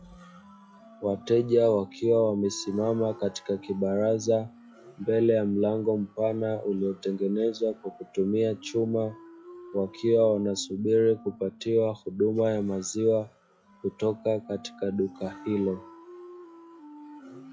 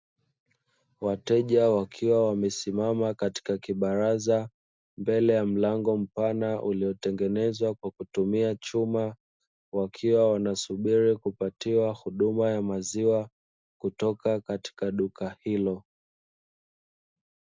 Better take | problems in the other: second | noise reduction (classical method log-MMSE)

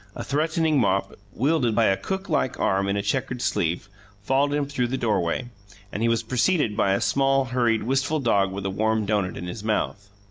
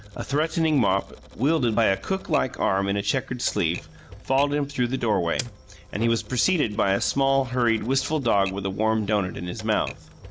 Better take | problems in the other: first | background sound (Typewriter); 18 dB below the speech

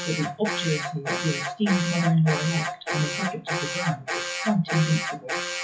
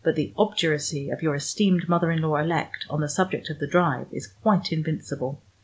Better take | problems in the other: second | noise reduction (classical method WPE with log-MMSE)

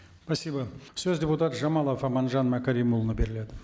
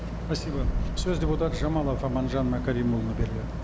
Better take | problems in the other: first | background sound (Boom + Boat, Water vehicle); 1 dB below the speech

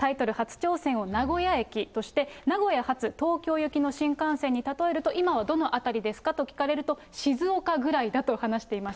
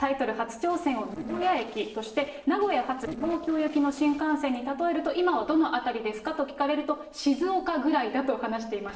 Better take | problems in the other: first | noise reduction (neural separator model SepFormer DNS4)

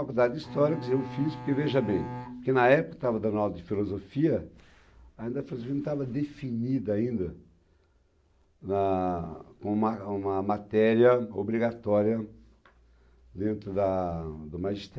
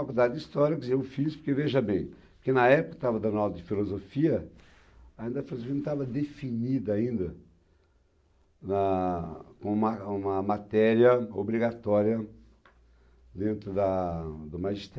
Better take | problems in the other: second | background sound (Bowed string instrument); 12 dB below the speech

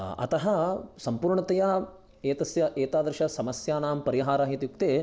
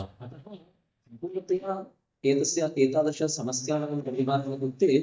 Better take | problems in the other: first | noise reduction (neural mask model DeepFilterNet 3)

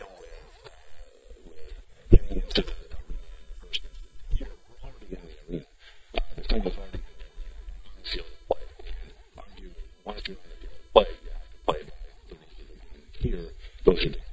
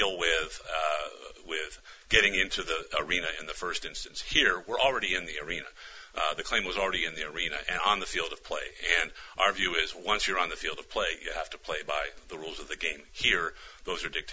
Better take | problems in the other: second | noise reduction (neural mask model DeepFilterNet 3)

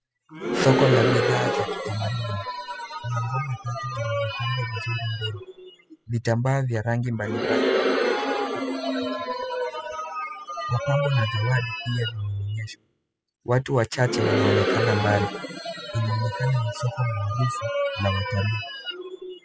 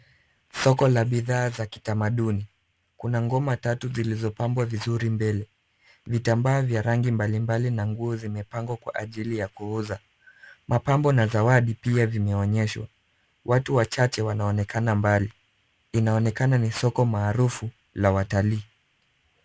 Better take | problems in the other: second | noise reduction (classical method spectral subtraction)

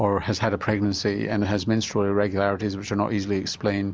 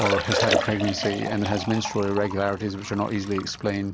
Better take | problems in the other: first | background sound (Liquid); 4 dB below the speech

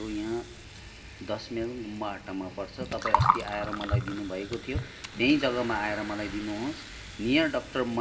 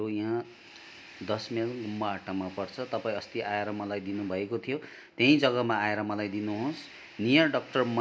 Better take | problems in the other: second | background sound (Gurgling); 3 dB below the speech // room echo; dies away in 1.1 s

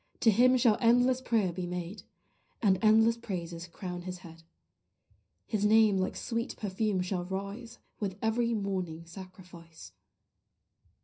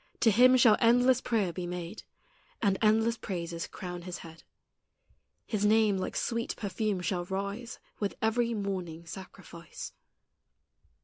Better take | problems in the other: second | room echo; dies away in 0.4 s

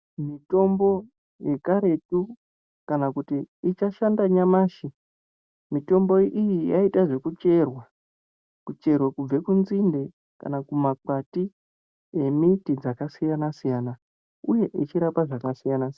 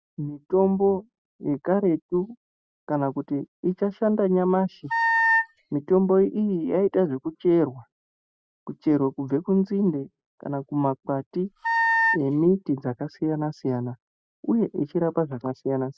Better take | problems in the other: first | noise reduction (classical method spectral subtraction)

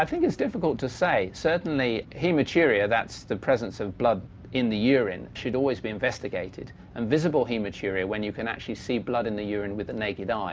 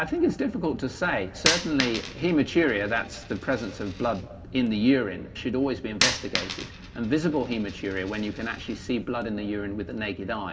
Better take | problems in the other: first | background sound (Coin (dropping)); 7 dB below the speech // room echo; dies away in 1.4 s

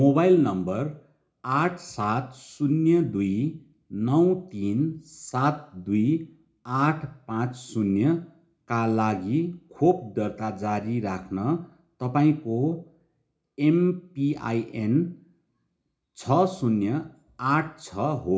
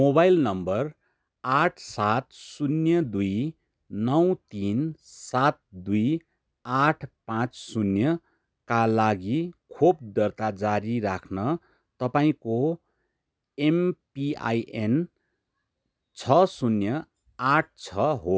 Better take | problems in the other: second | room echo; dies away in 0.4 s

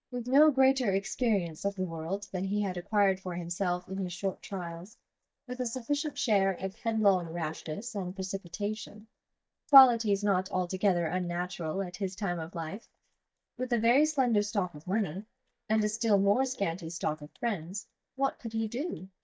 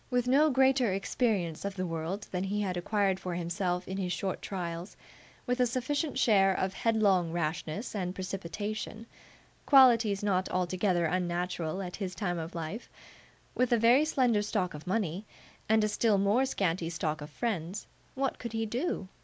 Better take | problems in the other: second | noise reduction (neural mask model DeepFilterNet 3)

